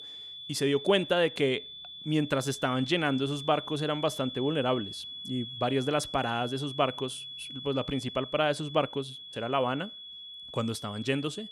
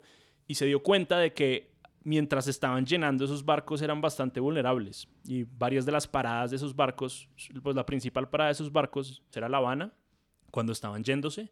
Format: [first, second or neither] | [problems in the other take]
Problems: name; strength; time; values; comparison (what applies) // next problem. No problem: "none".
second | high-pitched whine; noticeable; throughout; 3.5 kHz, 10 dB below the speech